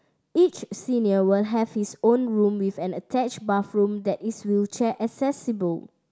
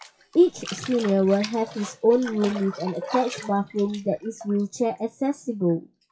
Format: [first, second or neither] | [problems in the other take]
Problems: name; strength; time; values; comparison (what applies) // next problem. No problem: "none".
first | noise reduction (classical method WPE with log-MMSE)